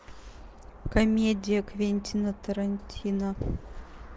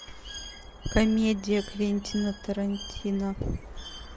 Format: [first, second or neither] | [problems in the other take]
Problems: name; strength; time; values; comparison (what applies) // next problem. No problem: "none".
first | background sound (Bird); 17 dB below the speech